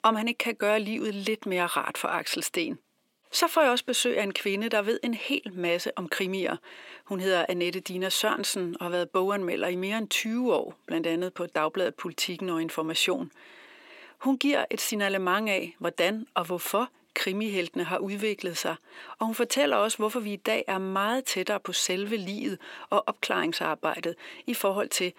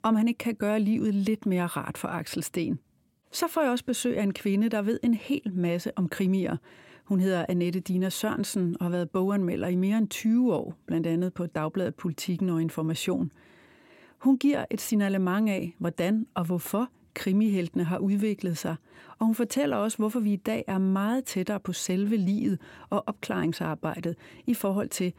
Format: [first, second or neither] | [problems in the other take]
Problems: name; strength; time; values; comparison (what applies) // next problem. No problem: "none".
second | thin; somewhat; fading below 450 Hz